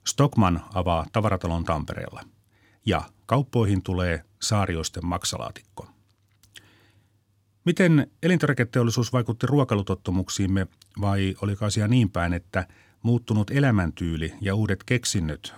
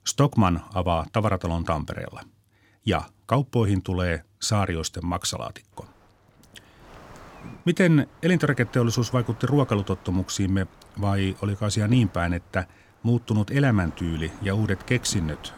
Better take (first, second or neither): first